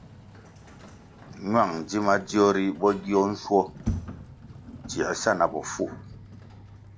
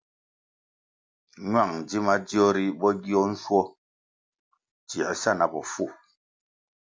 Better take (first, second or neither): second